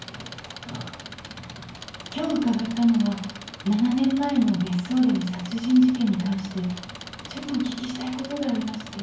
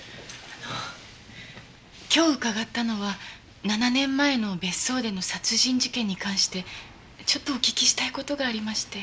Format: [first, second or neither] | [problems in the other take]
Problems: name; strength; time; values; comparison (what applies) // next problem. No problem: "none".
second | background sound (Engine); 15 dB below the speech // room echo; dies away in 0.9 s